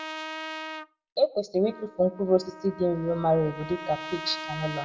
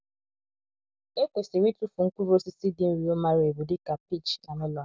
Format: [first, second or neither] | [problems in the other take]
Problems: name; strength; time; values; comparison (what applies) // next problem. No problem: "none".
second | background sound (Trumpet); 11 dB below the speech // room echo; dies away in 0.4 s